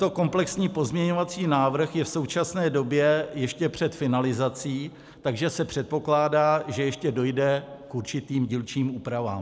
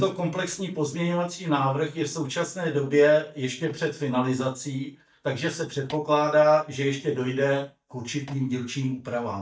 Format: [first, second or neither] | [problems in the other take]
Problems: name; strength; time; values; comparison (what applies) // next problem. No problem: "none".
first | noise reduction (neural mask model DeepFilterNet 3)